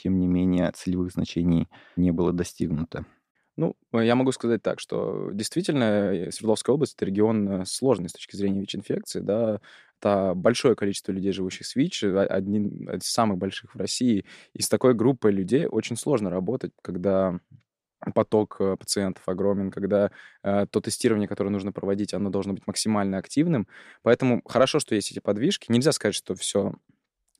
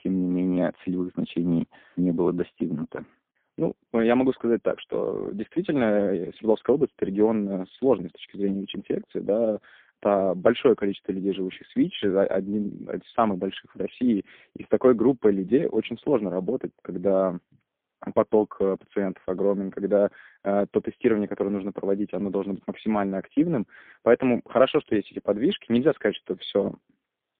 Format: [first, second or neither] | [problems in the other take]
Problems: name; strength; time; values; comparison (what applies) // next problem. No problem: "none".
first | phone-call audio; poor line